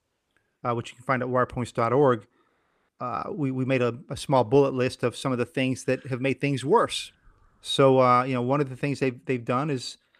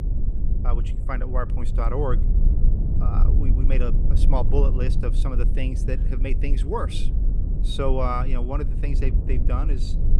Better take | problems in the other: first | low rumble; loud; throughout; 9 dB below the speech

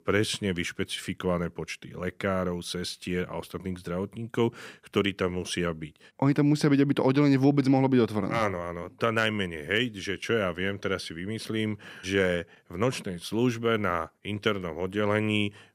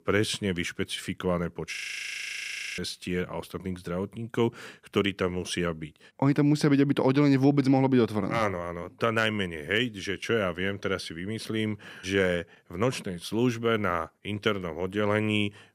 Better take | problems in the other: first | audio freezing; at 2 s for 1 s

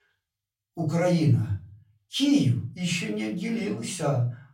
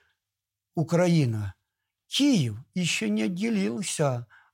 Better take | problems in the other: second | off-mic speech; far // room echo; slight; dies away in 0.3 s

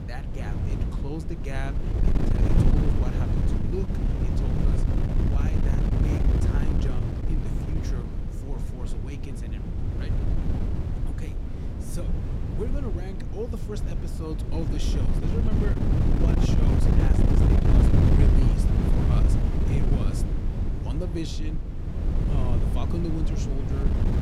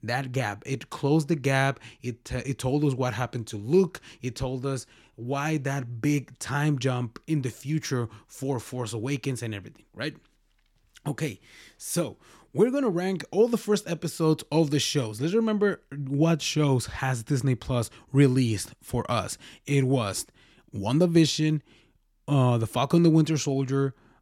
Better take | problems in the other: second | wind noise on the microphone; heavy; 4 dB above the speech

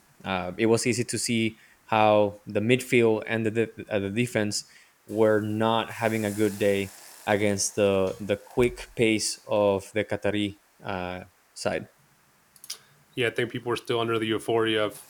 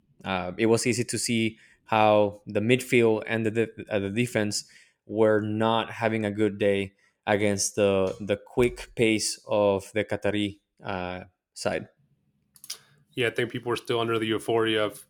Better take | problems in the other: second | hiss; faint; throughout; 25 dB below the speech

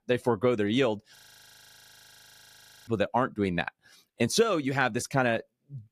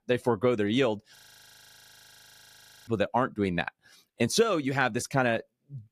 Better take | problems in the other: neither | audio freezing; at 1 s for 1.5 s; the same in both

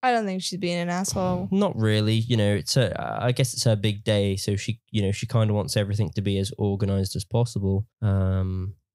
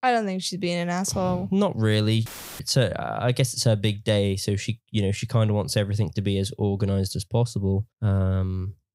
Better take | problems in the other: first | audio cutting out; filled with static; at 2.5 s

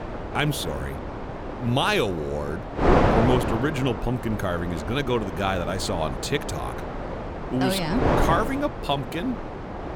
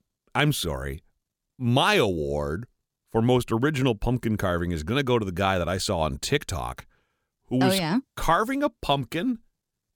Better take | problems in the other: second | wind noise on the microphone; heavy; 2 dB below the speech

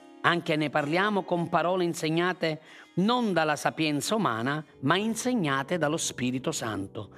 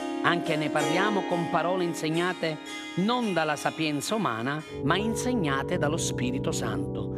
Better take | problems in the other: first | background music; loud; throughout; 5 dB below the speech; faint in the first

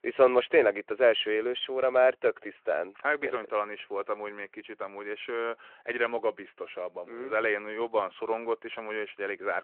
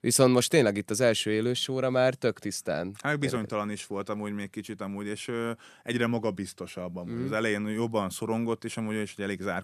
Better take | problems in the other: second | phone-call audio

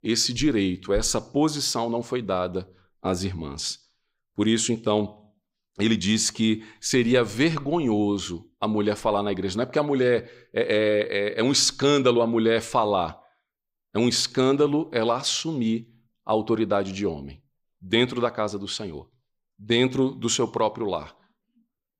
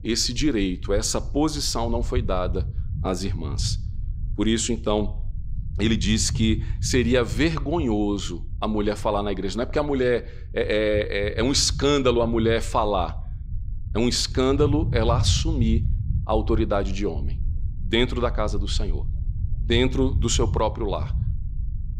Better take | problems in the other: first | low rumble; faint; throughout; 20 dB below the speech

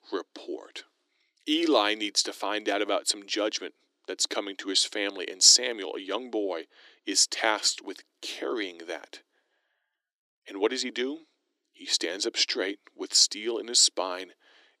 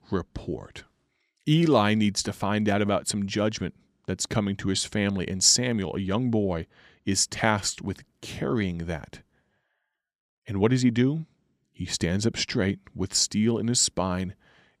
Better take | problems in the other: second | thin; very; fading below 300 Hz

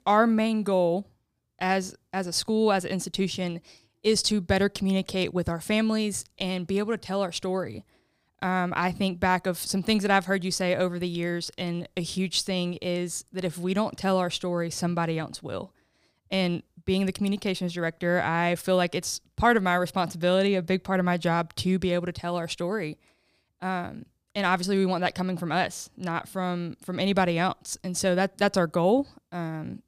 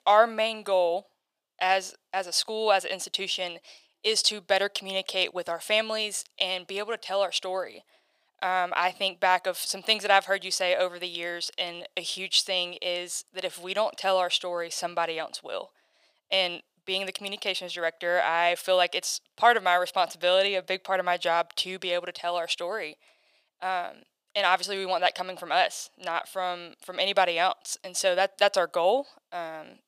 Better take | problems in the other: first | thin; very; fading below 600 Hz

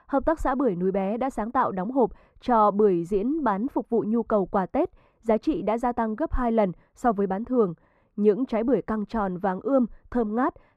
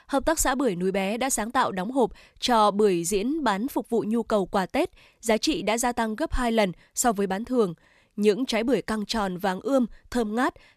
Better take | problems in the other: second | muffled; very; fading above 2 kHz

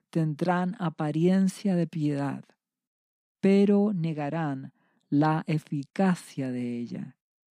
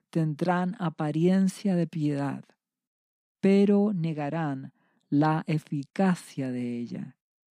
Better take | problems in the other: neither | none

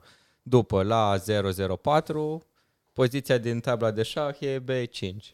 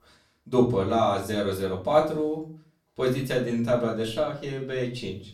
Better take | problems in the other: first | off-mic speech; far // room echo; slight; dies away in 0.3 s

